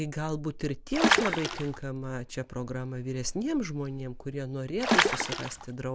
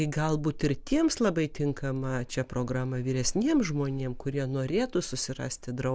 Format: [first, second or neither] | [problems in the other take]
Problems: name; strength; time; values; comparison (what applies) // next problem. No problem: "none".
second | background sound (Water / Splash, splatter); 5 dB above the speech